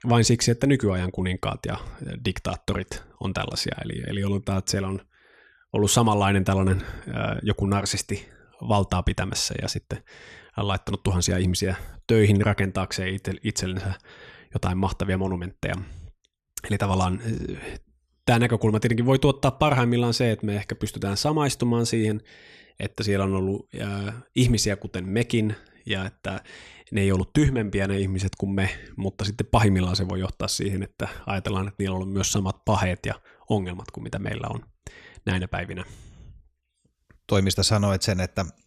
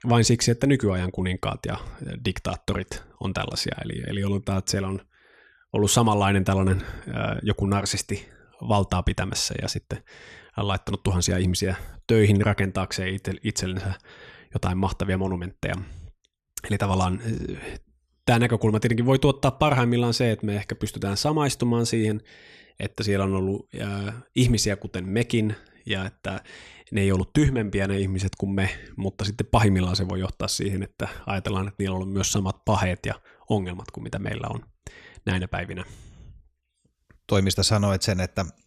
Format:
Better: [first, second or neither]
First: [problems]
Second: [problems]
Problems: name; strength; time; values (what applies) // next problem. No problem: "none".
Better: neither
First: none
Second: none